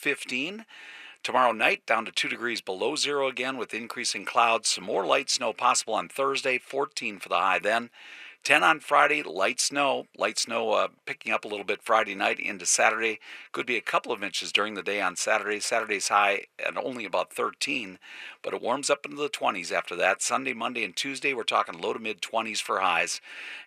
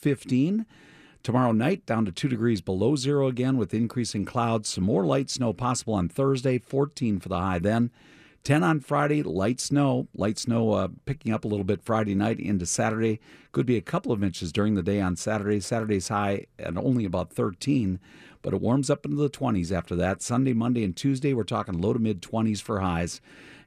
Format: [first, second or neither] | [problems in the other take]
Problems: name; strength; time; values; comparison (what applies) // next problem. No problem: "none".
second | thin; very; fading below 750 Hz